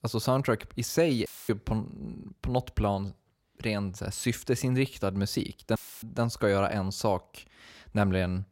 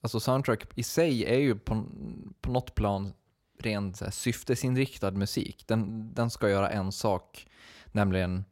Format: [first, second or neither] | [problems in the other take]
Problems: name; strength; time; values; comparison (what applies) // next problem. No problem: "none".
second | audio cutting out; filled with static; at 1.5 s and at 6 s